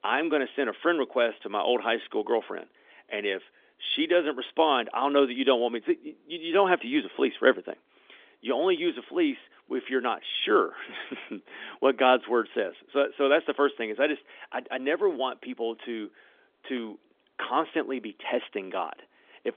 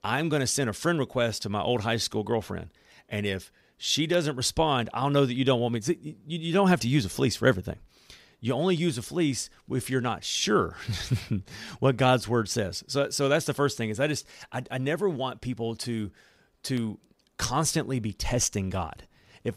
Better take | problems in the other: second | phone-call audio; nothing above 3.5 kHz

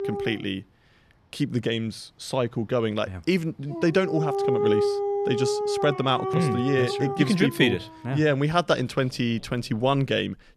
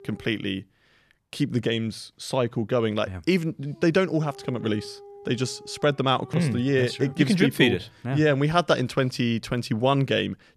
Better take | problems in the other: second | animal sounds; loud; throughout; 2 dB below the speech; faint in the second

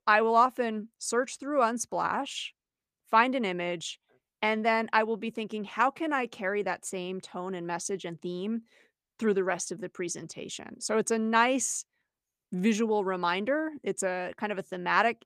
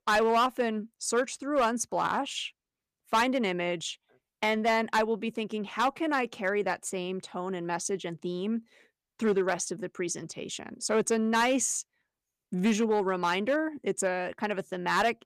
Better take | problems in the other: first | distortion; slight; 3% of the sound clipped

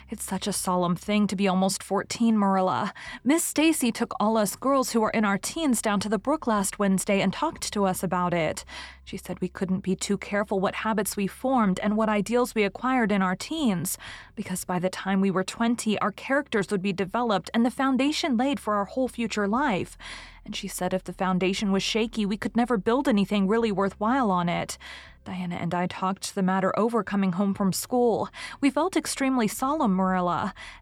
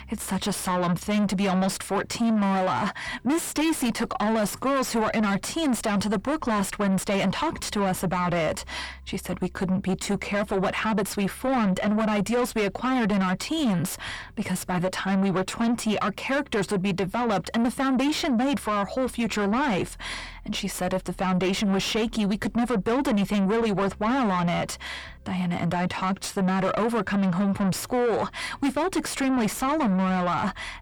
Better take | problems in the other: first | distortion; heavy; 7 dB below the speech

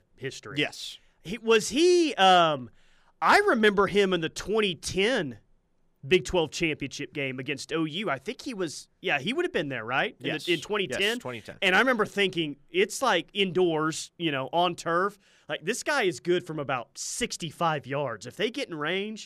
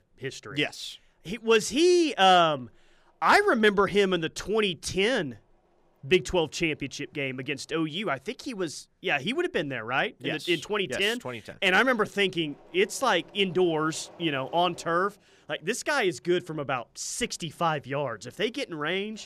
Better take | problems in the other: first | machinery noise; faint; throughout; 30 dB below the speech

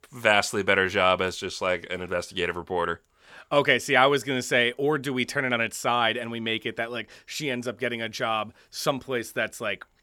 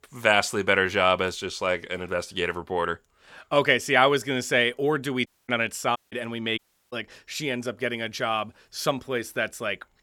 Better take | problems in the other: first | audio cutting out; at 5.5 s, at 6 s and at 6.5 s

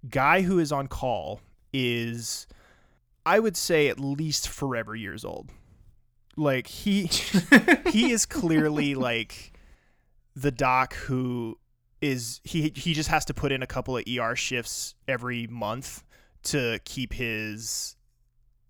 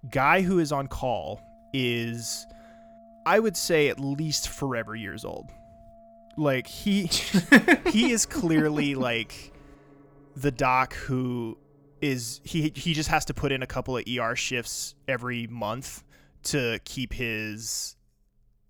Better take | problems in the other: first | background music; faint; throughout; 30 dB below the speech

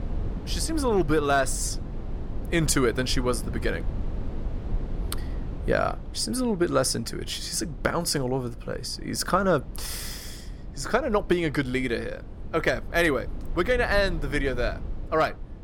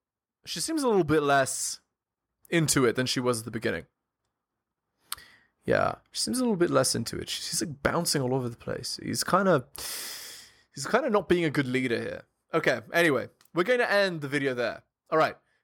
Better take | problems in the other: second | wind noise on the microphone; occasional gusts; 20 dB below the speech

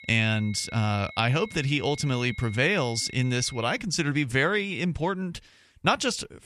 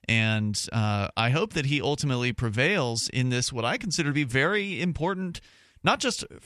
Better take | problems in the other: second | high-pitched whine; noticeable; until 3.5 s; 2 kHz, 15 dB below the speech

